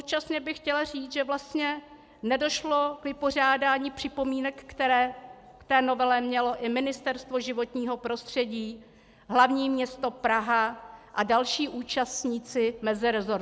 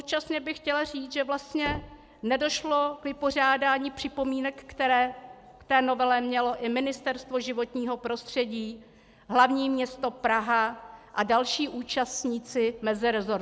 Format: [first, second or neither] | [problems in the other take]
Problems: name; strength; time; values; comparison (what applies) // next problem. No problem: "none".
first | background sound (Knock); 18 dB below the speech